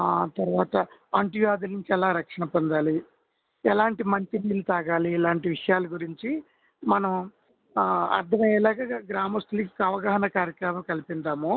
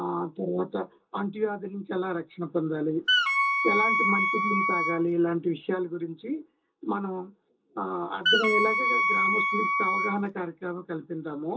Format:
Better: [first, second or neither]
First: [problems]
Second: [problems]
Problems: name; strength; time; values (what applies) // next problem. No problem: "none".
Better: first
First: none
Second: background sound (Wind instrument, woodwind instrument); 5 dB above the speech // room echo; dies away in 0.2 s